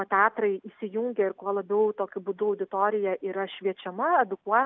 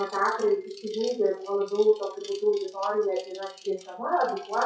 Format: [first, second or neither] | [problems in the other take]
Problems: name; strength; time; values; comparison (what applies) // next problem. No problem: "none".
first | noise reduction (classical method WPE with log-MMSE)